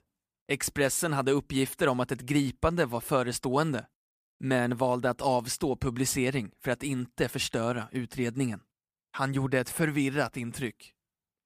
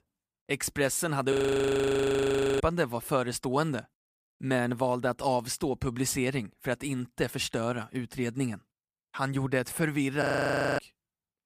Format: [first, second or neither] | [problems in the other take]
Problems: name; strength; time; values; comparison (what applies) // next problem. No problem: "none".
first | audio freezing; at 1.5 s for 1.5 s and at 10 s for 0.5 s